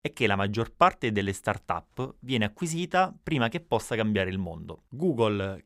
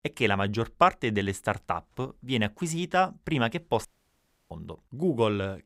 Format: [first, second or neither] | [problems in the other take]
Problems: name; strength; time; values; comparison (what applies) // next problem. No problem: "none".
first | audio cutting out; at 4 s for 0.5 s